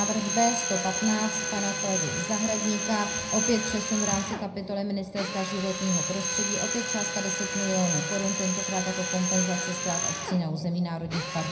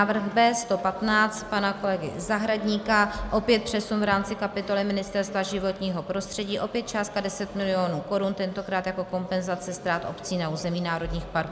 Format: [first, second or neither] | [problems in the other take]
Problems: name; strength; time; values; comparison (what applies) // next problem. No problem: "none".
second | background sound (Drill); 2 dB below the speech // room echo; dies away in 0.3 s